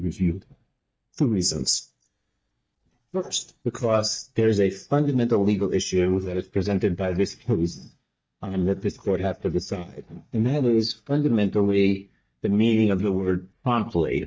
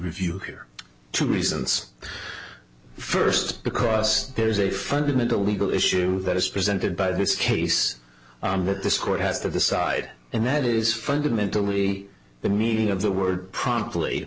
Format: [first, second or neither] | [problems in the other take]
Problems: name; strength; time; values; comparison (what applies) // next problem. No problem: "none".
second | noise reduction (neural mask model DeepFilterNet 3)